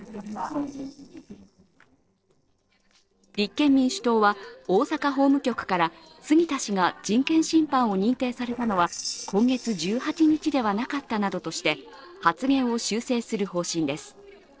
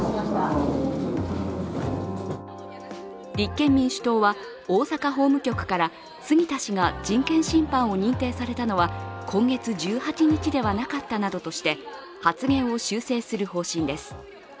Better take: second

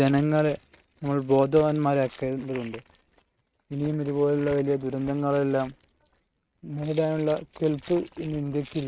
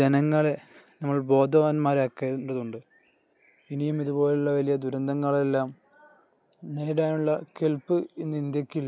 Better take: second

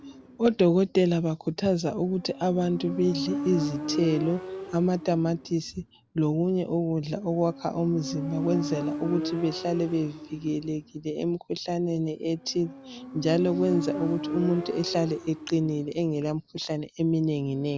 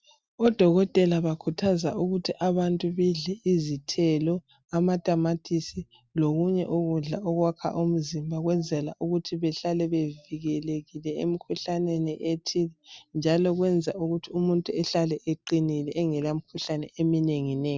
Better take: second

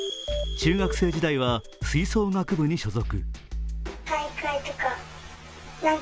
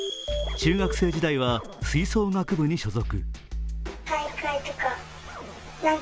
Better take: first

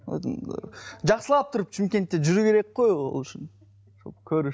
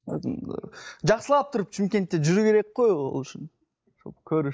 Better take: first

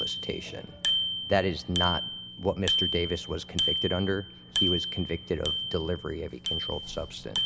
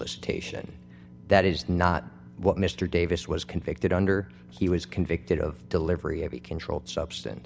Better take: second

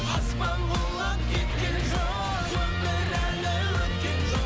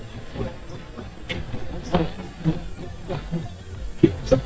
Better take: first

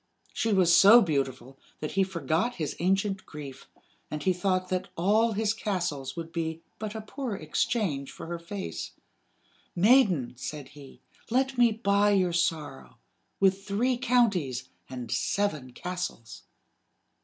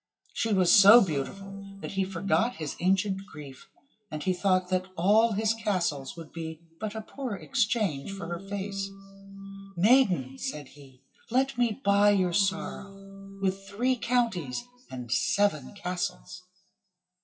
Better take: first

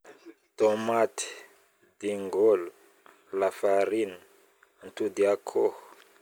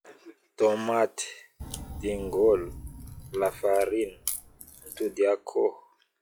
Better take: first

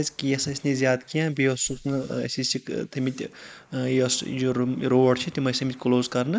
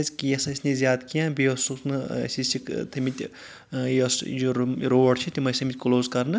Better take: second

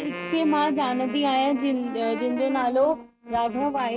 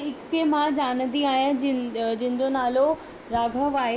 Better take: second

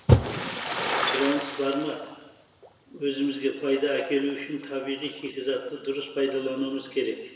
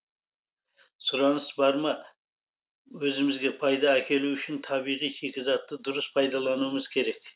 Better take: second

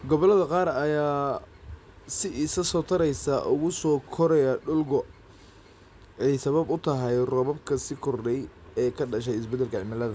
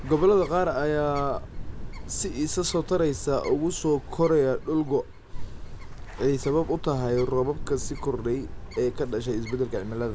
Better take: first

